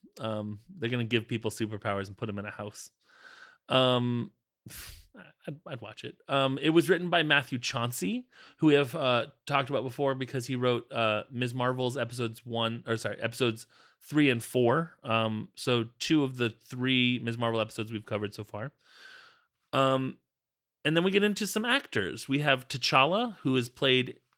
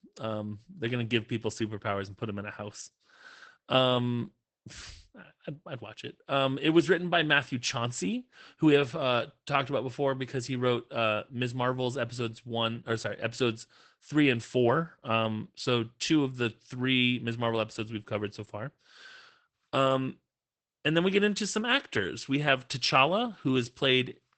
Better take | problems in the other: first | garbled, watery; badly; nothing above 8 kHz; slightly in the first

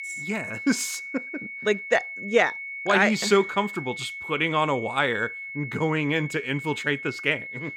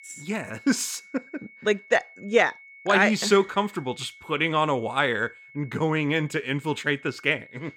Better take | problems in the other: second | high-pitched whine; loud; throughout; 2 kHz, 9 dB below the speech; faint in the second

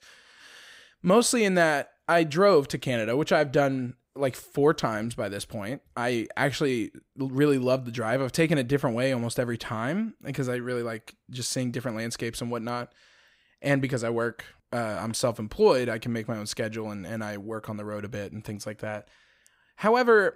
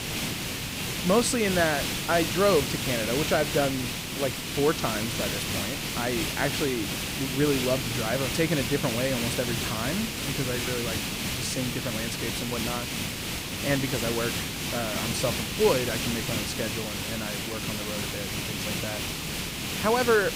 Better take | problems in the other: first | hiss; loud; throughout; as loud as the speech

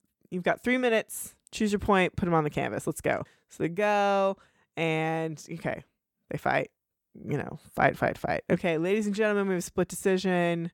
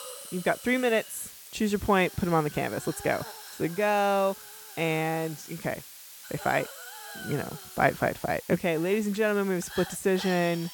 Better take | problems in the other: first | hiss; noticeable; throughout; 15 dB below the speech

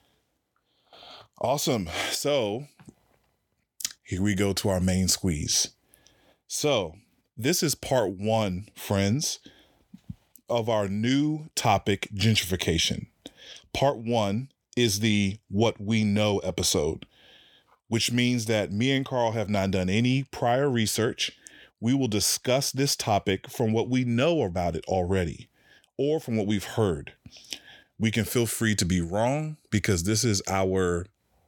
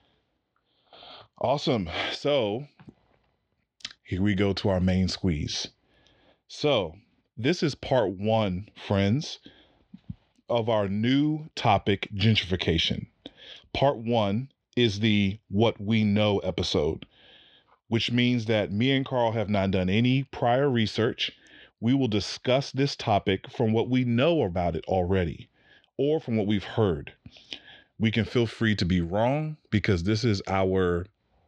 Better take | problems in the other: first | muffled; slightly; fading above 4 kHz

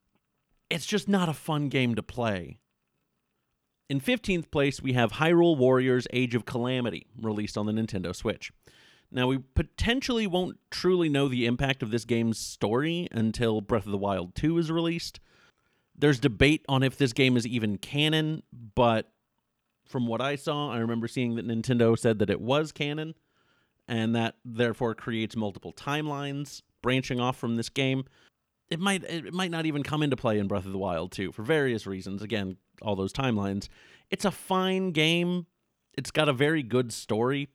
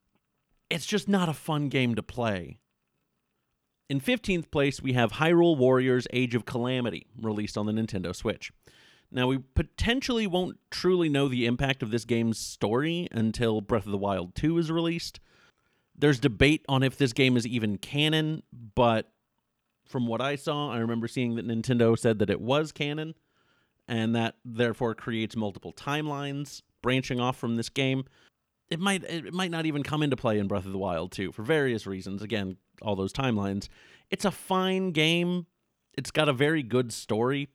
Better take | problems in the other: neither | none

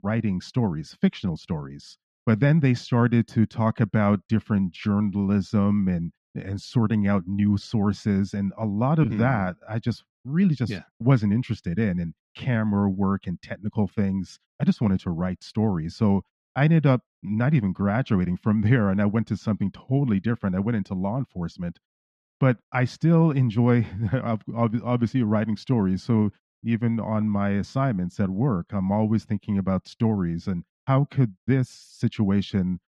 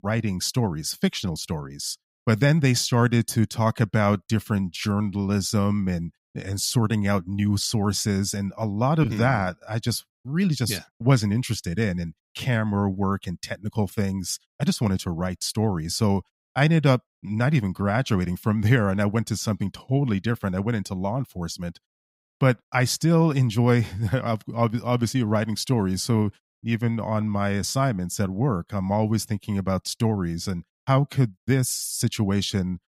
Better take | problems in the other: second | muffled; slightly; fading above 2.5 kHz

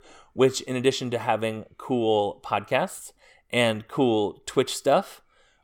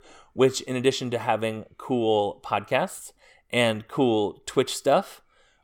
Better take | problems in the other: neither | none

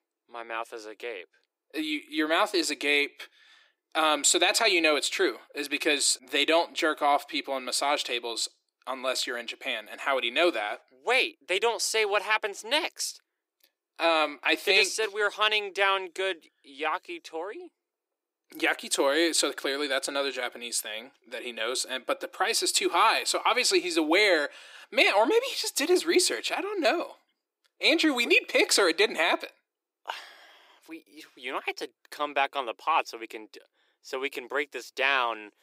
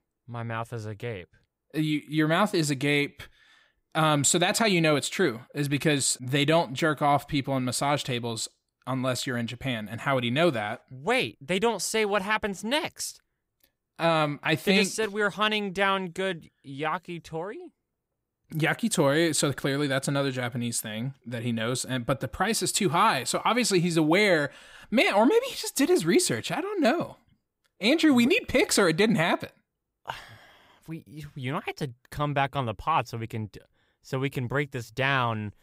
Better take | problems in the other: second | thin; somewhat; fading below 350 Hz

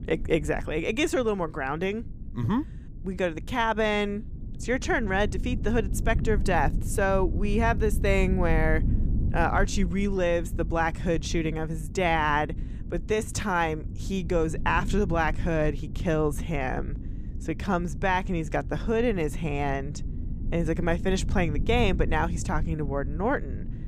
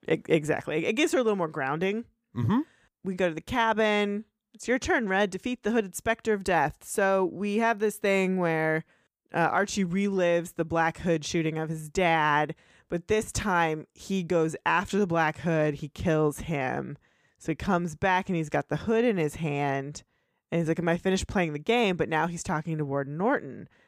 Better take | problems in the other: second | low rumble; noticeable; throughout; 20 dB below the speech

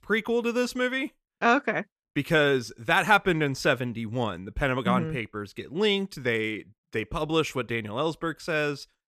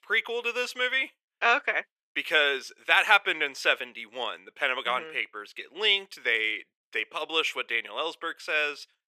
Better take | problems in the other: first | thin; very; fading below 450 Hz

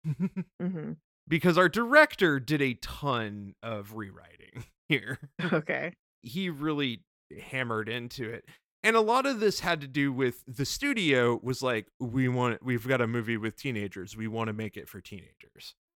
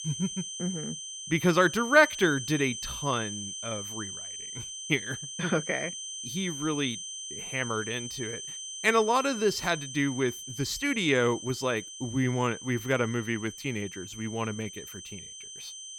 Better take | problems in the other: first | high-pitched whine; loud; throughout; 6 kHz, 8 dB below the speech

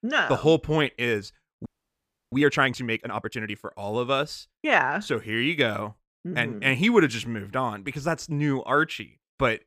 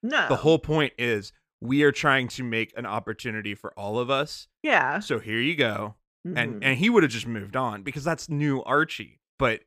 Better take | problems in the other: second | audio freezing; at 1.5 s for 0.5 s

